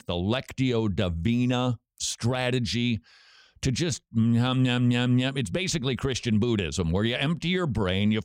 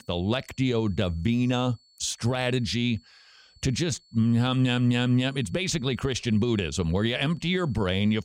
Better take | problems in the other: first | high-pitched whine; faint; throughout; 4.5 kHz, 30 dB below the speech

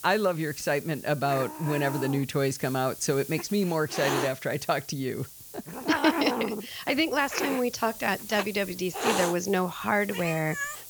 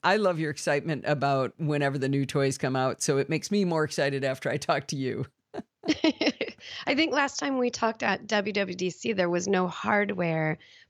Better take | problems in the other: second | hiss; loud; throughout; 6 dB below the speech

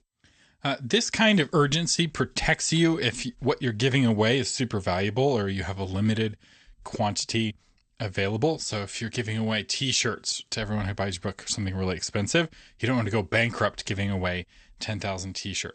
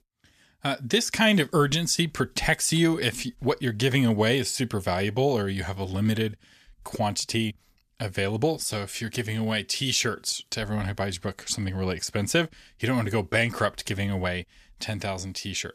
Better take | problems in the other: second | garbled, watery; slightly; nothing above 8.5 kHz

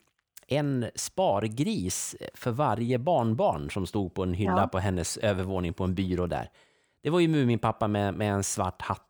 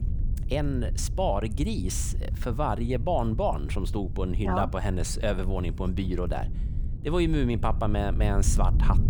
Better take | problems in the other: first | wind noise on the microphone; occasional gusts; 15 dB below the speech

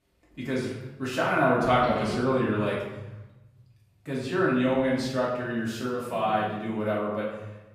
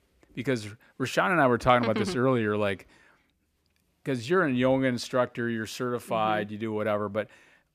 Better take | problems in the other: second | off-mic speech; far // room echo; noticeable; dies away in 1.1 s

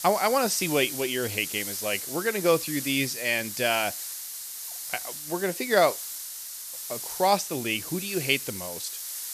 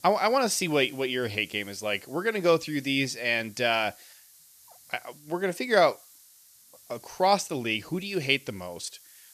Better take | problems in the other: second | hiss; loud; throughout; 7 dB below the speech; faint in the second

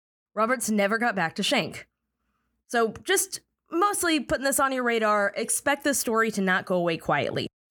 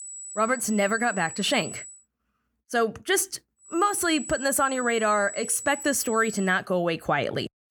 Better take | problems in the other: first | high-pitched whine; noticeable; until 2 s and from 3.5 to 6.5 s; 8 kHz, 10 dB below the speech

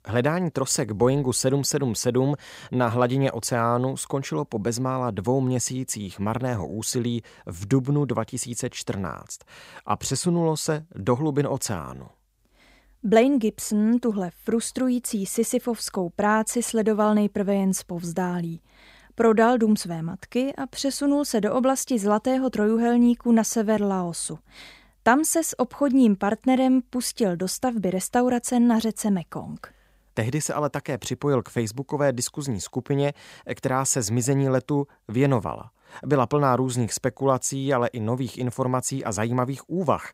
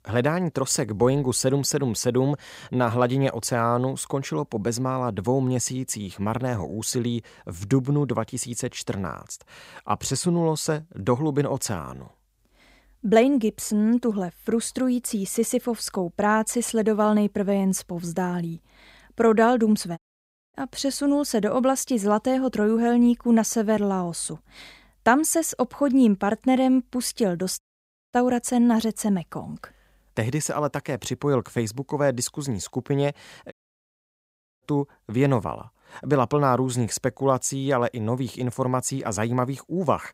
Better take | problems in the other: first | audio cutting out; at 20 s for 0.5 s, at 28 s for 0.5 s and at 34 s for 1 s

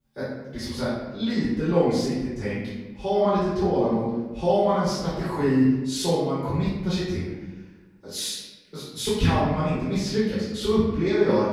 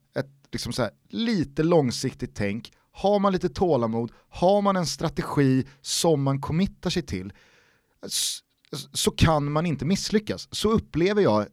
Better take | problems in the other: second | room echo; strong; dies away in 1.1 s // off-mic speech; far

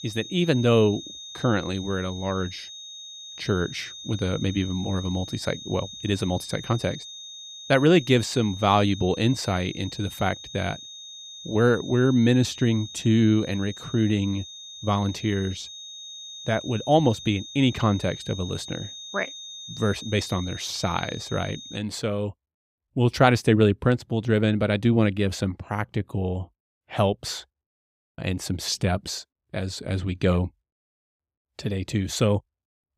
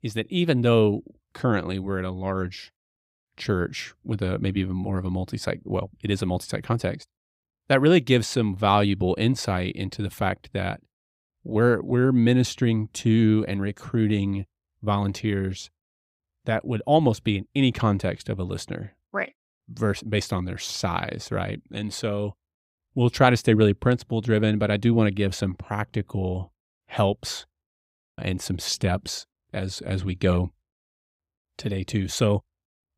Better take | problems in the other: second | high-pitched whine; noticeable; until 22 s; 3.5 kHz, 15 dB below the speech

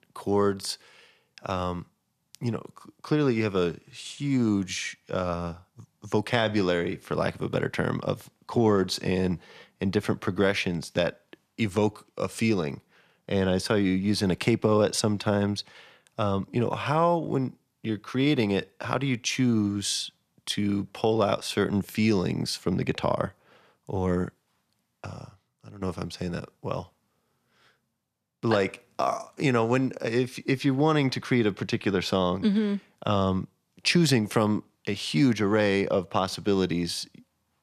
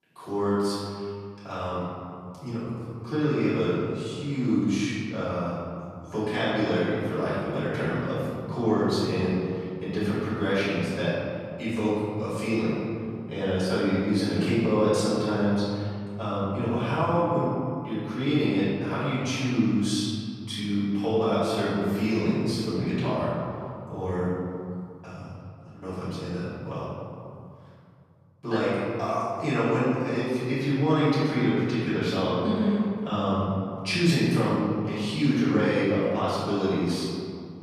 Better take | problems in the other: first | off-mic speech; far // room echo; strong; dies away in 2.4 s

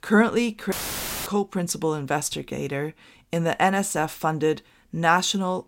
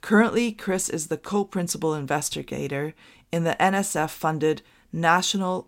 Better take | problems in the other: second | audio cutting out; filled with static; at 0.5 s for 0.5 s

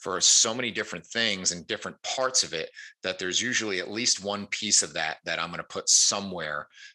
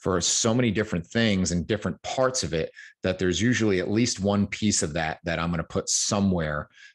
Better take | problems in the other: second | thin; somewhat; fading below 1 kHz

